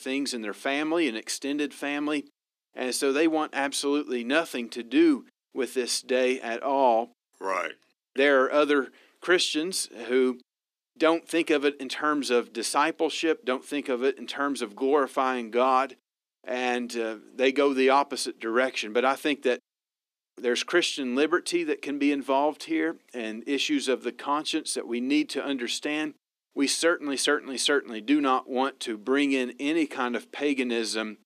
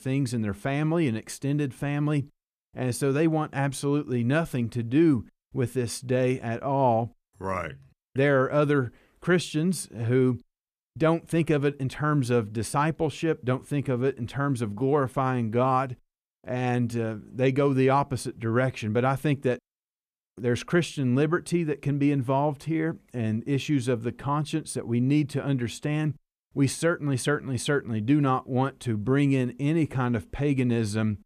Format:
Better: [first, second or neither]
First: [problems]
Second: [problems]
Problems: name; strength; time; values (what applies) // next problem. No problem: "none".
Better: second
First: thin; very slightly; fading below 250 Hz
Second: none